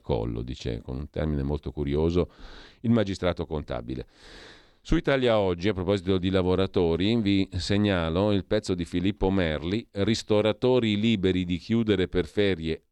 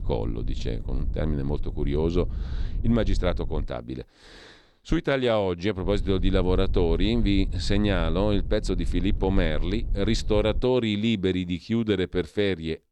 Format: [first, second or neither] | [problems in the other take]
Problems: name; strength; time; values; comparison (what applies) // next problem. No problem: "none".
first | low rumble; faint; until 3.5 s and from 6 to 11 s; 20 dB below the speech